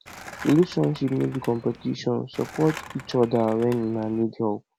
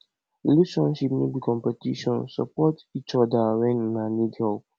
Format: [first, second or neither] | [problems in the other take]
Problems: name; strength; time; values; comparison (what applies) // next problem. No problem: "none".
second | background sound (Skateboard); 17 dB below the speech